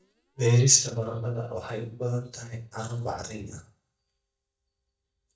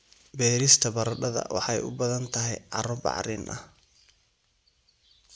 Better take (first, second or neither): second